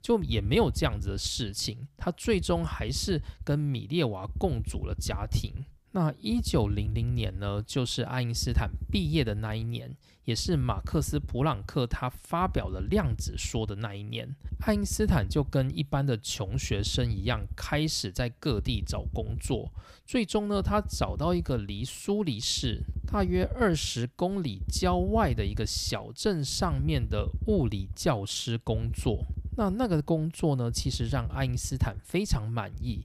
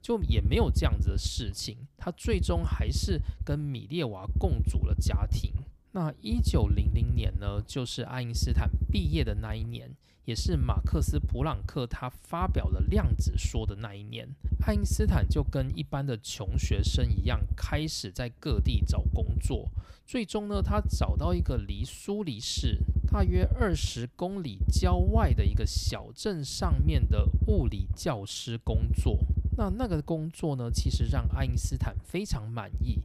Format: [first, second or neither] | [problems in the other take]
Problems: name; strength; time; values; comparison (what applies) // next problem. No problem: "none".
first | low rumble; loud; throughout; 10 dB below the speech; faint in the first